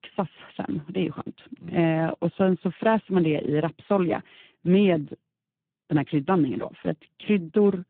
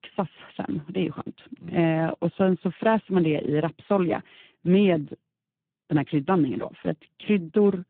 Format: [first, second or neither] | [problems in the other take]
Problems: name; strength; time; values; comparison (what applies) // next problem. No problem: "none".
neither | phone-call audio; poor line; the same in both